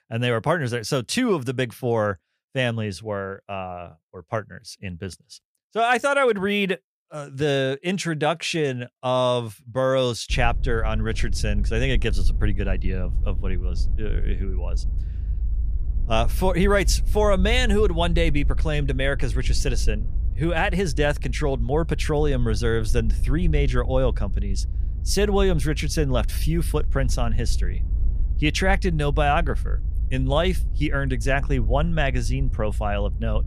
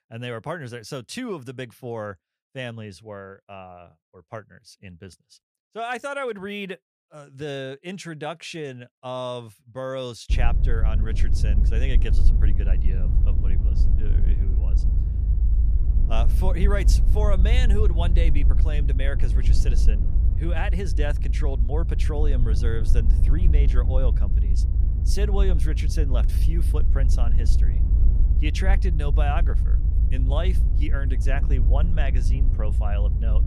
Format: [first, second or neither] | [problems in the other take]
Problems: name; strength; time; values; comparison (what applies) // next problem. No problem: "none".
first | low rumble; loud; from 10 s on; 8 dB below the speech; faint in the first